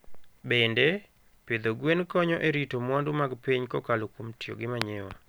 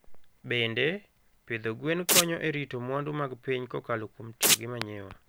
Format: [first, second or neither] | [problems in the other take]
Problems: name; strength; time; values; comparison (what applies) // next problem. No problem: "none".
first | background sound (Domestic sounds, home sounds); 4 dB above the speech